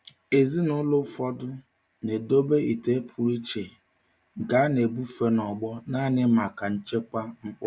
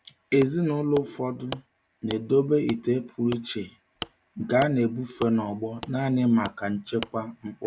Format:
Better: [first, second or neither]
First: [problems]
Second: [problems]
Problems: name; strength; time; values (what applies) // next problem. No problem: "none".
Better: first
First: none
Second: background sound (Wood); 17 dB below the speech